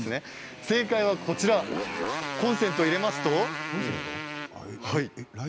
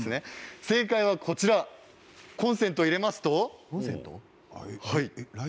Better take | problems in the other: second | background sound (Motorcycle); 6 dB below the speech

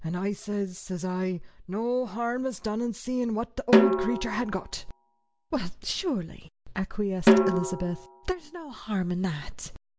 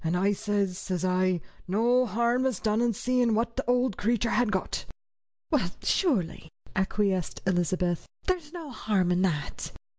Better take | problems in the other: second | background sound (Snare drum); 3 dB above the speech

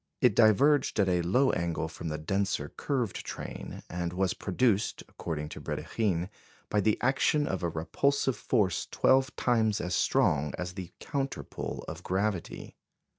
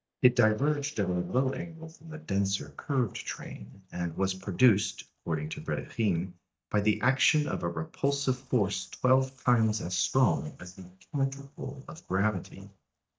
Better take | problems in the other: first | noise reduction (neural mask model DeepFilterNet 3)

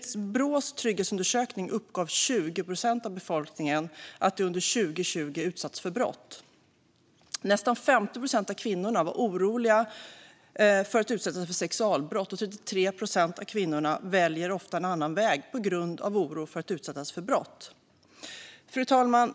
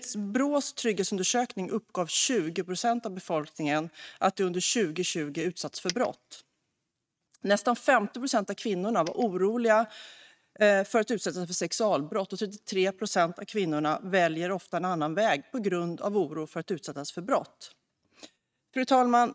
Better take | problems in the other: first | noise reduction (neural mask model RNNoise)

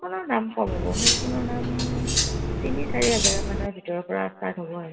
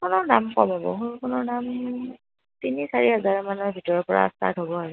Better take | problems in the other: second | background sound (Cutlery, silverware); 4 dB above the speech // room echo; dies away in 1.9 s

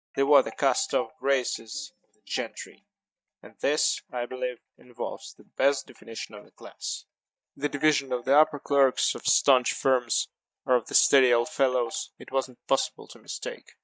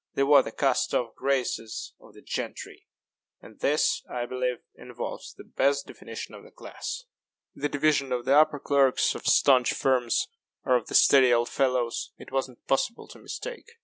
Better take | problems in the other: second | noise reduction (neural mask model DeepFilterNet 3)

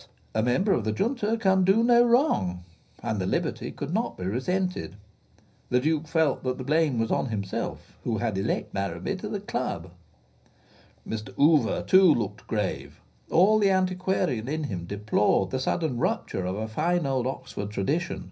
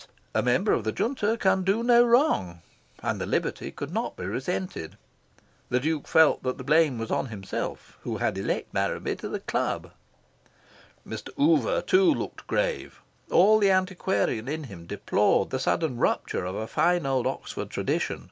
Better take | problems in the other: second | room echo; dies away in 0.5 s

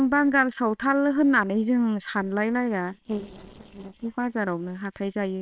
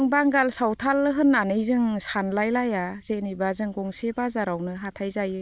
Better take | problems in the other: second | noise reduction (neural separator model SepFormer WHAMR!)

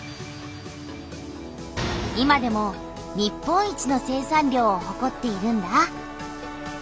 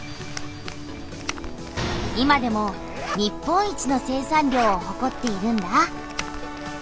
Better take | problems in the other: first | background sound (Zipper (clothing)); 10 dB below the speech

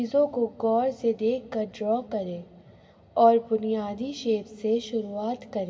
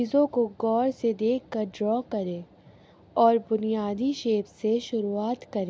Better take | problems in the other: second | room echo; dies away in 1.1 s

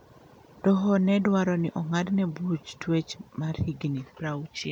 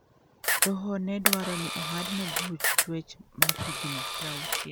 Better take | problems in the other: first | background sound (Camera); 5 dB above the speech

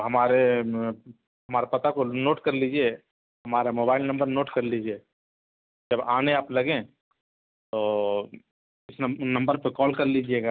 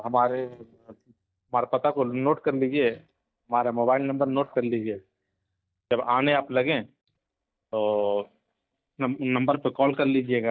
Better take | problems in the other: first | noise reduction (neural mask model DeepFilterNet 3)

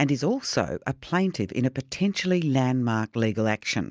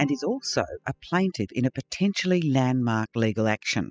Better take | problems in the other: first | noise reduction (classical method spectral subtraction)

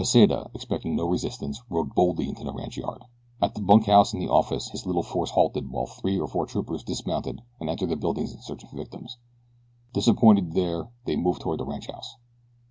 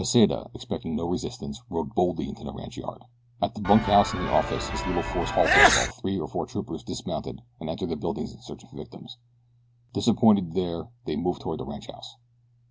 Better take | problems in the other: first | background sound (Sneeze / Church bell); 2 dB above the speech

